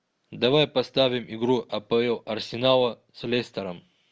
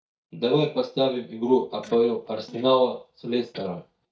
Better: first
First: none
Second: noise reduction (neural mask model DeepFilterNet 3)

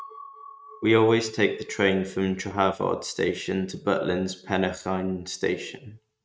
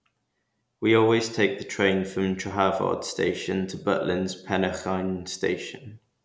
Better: second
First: noise reduction (neural mask model RNNoise)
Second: none

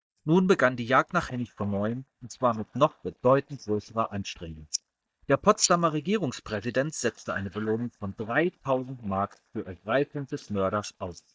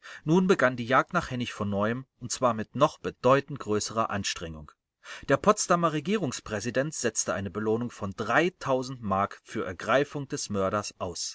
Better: second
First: noise reduction (neural mask model DeepFilterNet 3)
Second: none

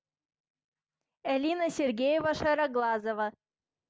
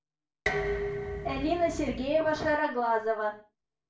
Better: first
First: none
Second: background sound (Dishes, pots, and pans); 5 dB below the speech // room echo; dies away in 0.3 s

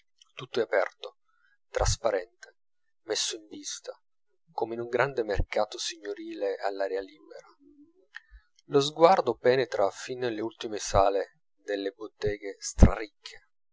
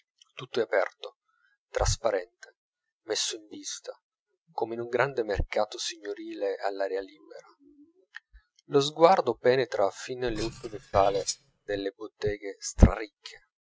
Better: first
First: none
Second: noise reduction (neural mask model RNNoise)

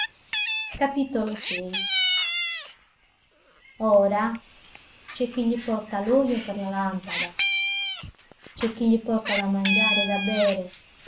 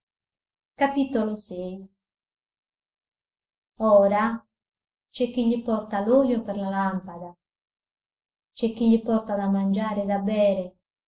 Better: second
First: background sound (Meow); 4 dB below the speech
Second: none

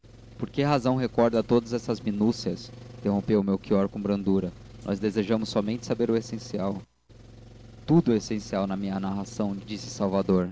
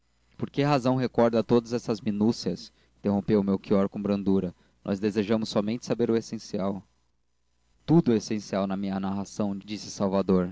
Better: second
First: background sound (Engine); 18 dB below the speech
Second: none

